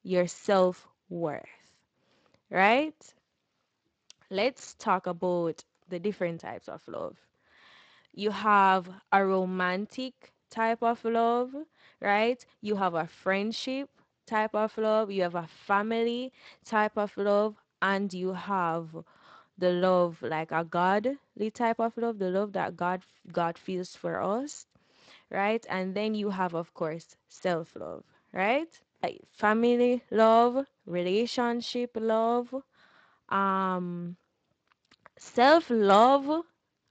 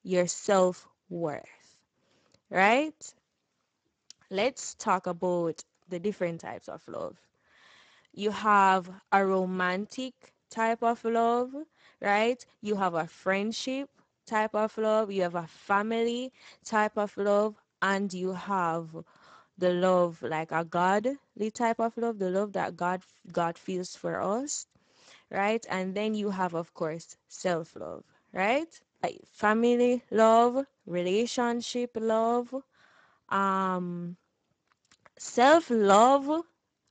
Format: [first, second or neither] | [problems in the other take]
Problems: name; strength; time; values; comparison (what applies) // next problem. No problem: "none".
first | garbled, watery; badly; nothing above 7.5 kHz; slightly in the first